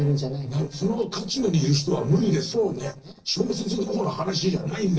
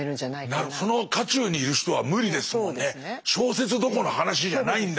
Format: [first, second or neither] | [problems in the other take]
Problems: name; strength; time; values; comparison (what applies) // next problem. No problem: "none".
second | noise reduction (neural separator model SepFormer DNS4)